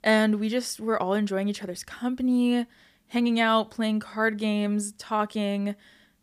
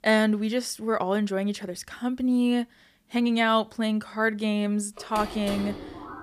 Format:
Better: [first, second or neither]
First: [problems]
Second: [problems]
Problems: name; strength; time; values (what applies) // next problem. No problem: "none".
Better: first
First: none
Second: phone ringing; noticeable; from 5 s on; peak 9 dB below the speech